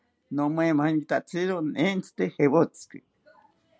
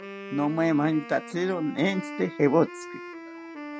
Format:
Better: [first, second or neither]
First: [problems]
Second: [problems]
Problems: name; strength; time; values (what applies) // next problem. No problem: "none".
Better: first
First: none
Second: background sound (Wind instrument, woodwind instrument); 12 dB below the speech